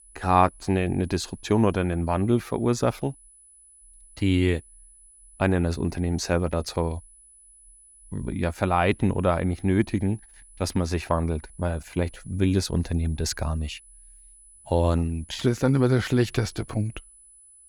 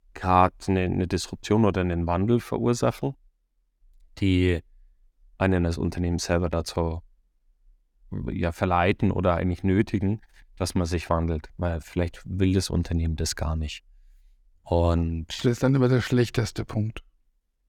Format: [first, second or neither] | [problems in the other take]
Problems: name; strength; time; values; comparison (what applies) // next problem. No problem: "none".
second | high-pitched whine; faint; throughout; 10 kHz, 25 dB below the speech